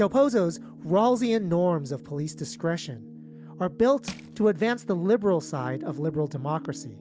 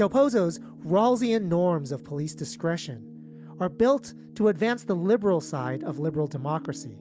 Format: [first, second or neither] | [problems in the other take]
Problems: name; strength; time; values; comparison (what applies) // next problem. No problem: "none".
second | background sound (Crushing); 16 dB below the speech